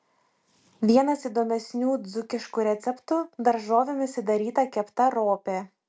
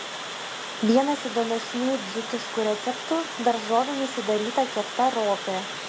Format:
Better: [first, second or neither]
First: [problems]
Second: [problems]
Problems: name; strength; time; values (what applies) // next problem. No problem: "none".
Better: first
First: none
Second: background sound (Water); 8 dB below the speech